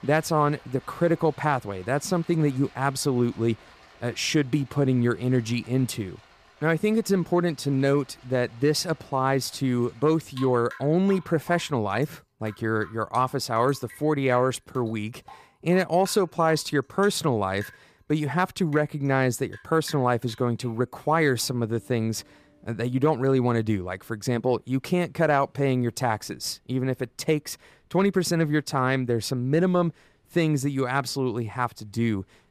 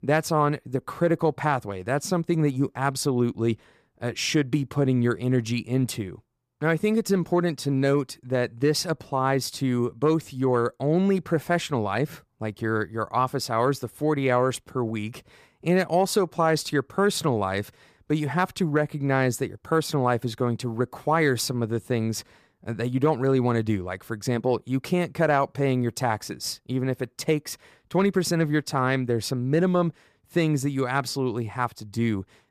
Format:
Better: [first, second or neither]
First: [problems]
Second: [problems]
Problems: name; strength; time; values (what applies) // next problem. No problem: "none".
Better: second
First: rain or running water; faint; throughout; 25 dB below the speech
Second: none